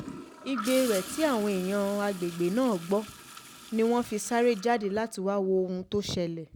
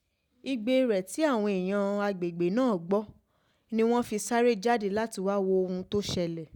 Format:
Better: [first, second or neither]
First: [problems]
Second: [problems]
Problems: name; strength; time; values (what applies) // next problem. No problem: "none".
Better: second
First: background sound (Toilet flush / Gurgling); 15 dB below the speech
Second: none